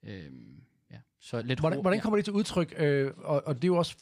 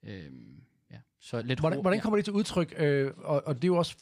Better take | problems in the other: neither | none

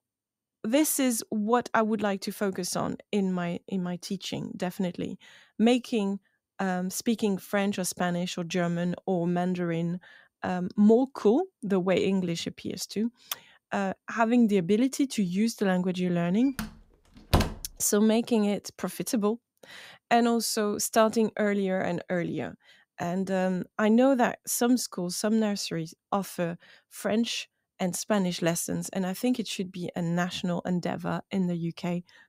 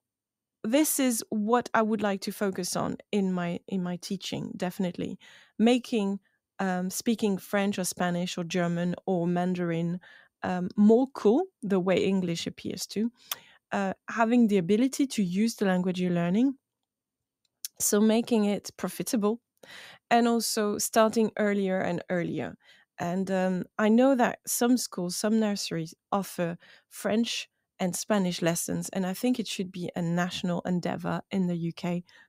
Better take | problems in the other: second | door banging; loud; at 17 s; peak 1 dB above the speech

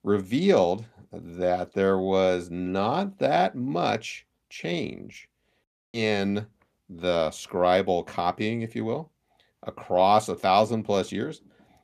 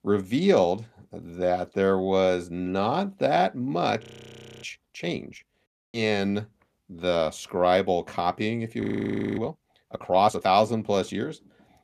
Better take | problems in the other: first | audio freezing; at 4 s for 0.5 s and at 9 s for 0.5 s

